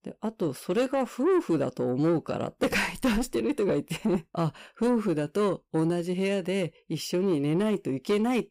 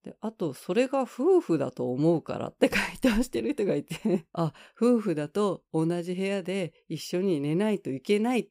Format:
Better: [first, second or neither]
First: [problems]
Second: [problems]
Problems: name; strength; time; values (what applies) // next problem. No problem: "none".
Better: second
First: distortion; slight; 10 dB below the speech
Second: none